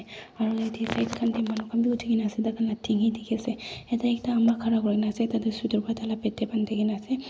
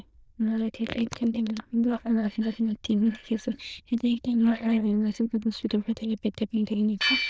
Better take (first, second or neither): first